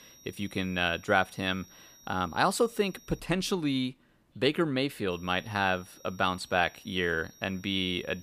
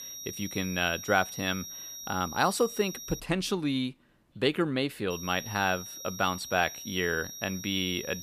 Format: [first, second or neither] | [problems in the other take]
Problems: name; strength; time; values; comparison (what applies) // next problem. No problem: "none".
first | high-pitched whine; loud; until 3 s and from 5 s on; 5.5 kHz, 10 dB below the speech; faint in the first